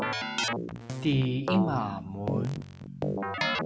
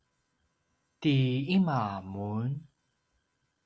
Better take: second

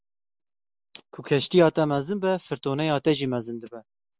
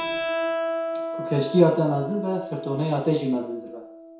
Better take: first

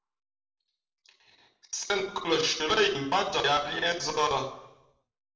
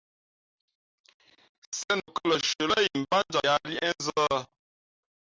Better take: second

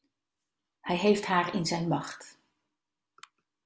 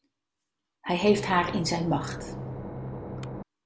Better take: first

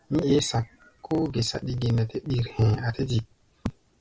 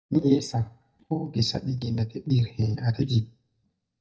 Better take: first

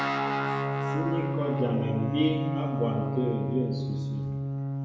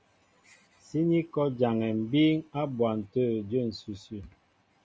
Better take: second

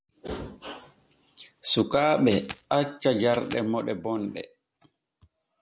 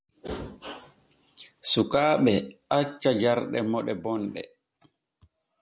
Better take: second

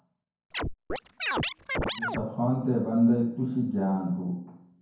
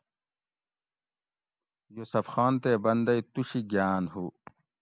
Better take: second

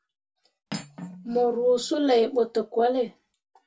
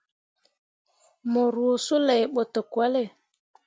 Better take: second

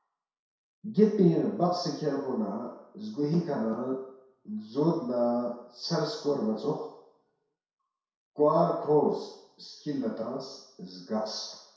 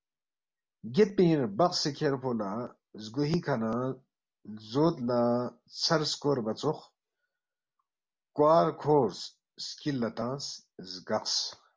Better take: second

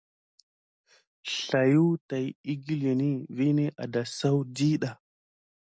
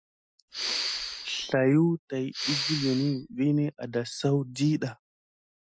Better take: first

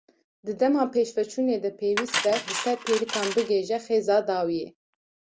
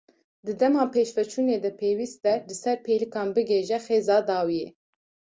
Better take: second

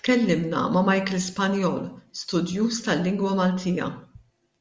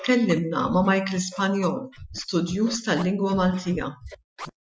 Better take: first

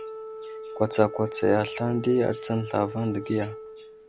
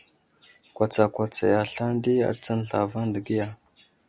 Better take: second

